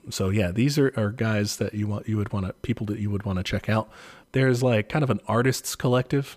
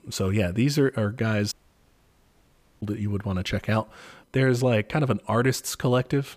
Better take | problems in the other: first | audio cutting out; at 1.5 s for 1.5 s

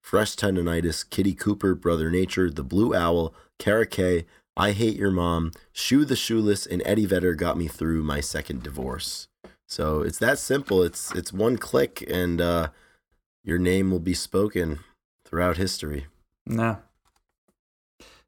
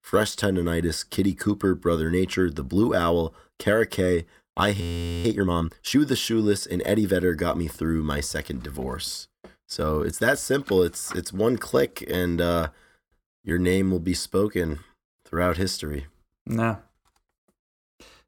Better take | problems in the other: first | audio freezing; at 5 s

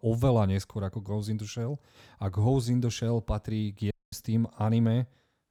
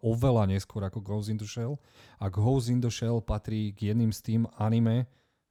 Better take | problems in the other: second | audio cutting out; at 4 s

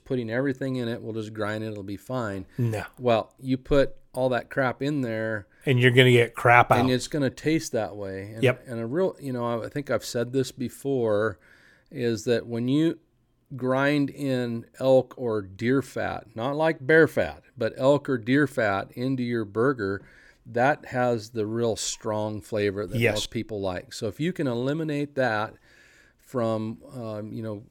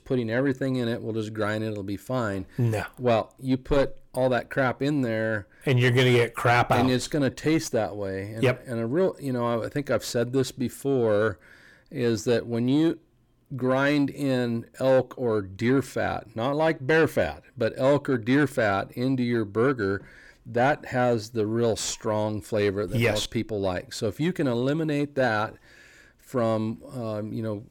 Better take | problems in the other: first | distortion; slight; 10 dB below the speech

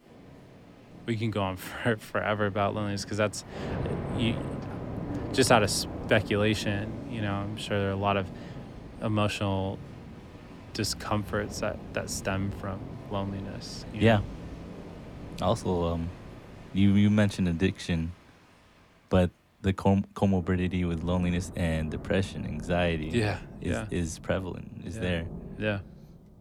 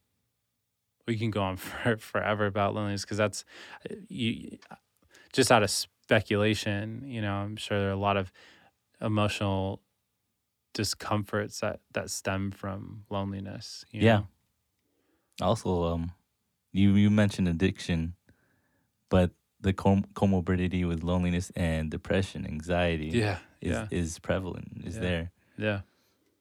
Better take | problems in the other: second | rain or running water; noticeable; throughout; 10 dB below the speech

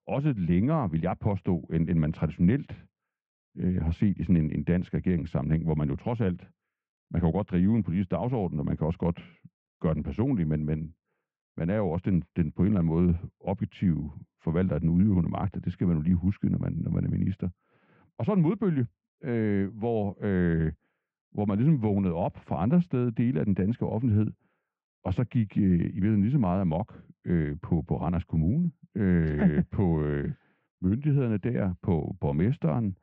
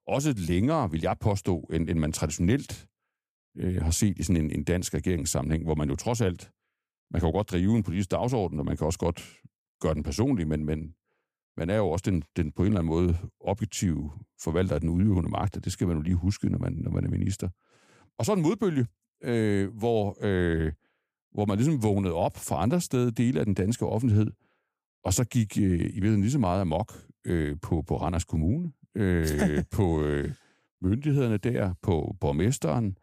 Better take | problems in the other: second | muffled; very; fading above 2.5 kHz

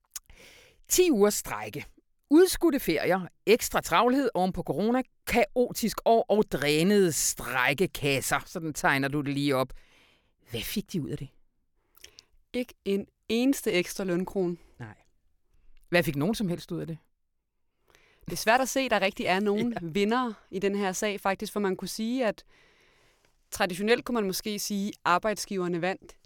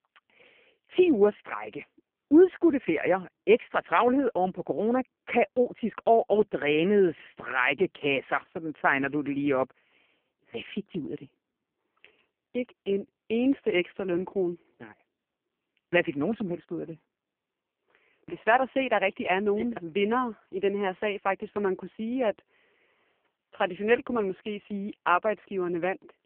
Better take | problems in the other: first | phone-call audio; poor line; nothing above 3 kHz

